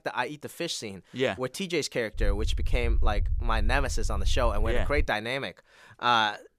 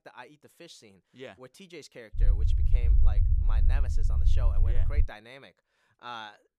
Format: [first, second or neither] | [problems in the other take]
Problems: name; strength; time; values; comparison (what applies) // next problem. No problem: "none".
first | low rumble; loud; from 2 to 5 s; 3 dB below the speech; faint in the first